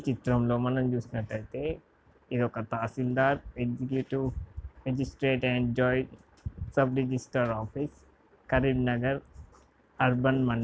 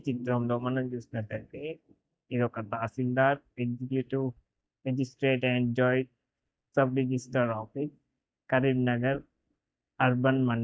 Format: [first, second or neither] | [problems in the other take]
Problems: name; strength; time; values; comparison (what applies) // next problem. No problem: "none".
first | noise reduction (neural mask model DeepFilterNet 3)